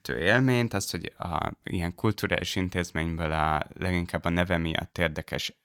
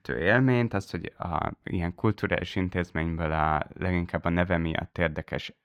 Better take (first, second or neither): first